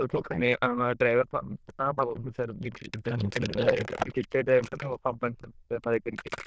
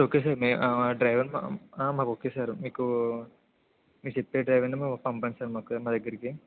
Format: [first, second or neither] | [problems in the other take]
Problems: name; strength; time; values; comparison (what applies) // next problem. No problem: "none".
second | noise reduction (neural diffusion model UNIVERSE++)